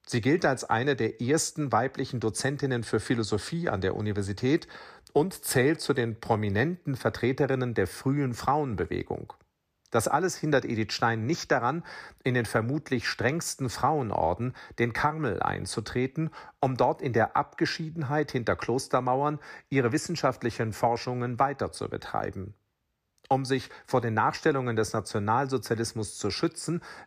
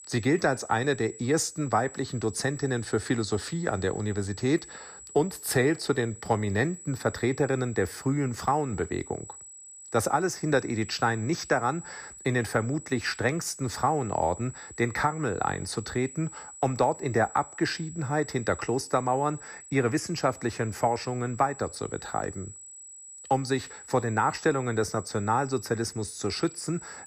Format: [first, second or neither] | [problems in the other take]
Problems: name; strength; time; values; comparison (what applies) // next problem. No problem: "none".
first | high-pitched whine; noticeable; throughout; 8 kHz, 15 dB below the speech